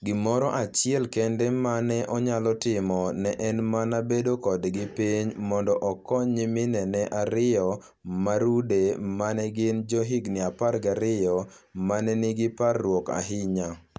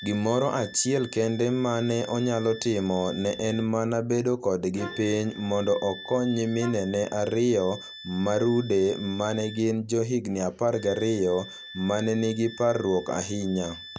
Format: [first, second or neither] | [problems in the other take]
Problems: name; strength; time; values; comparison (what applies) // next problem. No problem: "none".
first | background sound (Wind instrument, woodwind instrument + Brass instrument); 18 dB below the speech